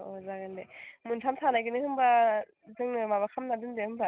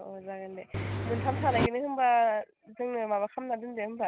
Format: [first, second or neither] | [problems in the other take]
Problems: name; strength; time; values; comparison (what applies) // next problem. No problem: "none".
first | background sound (Engine); as loud as the speech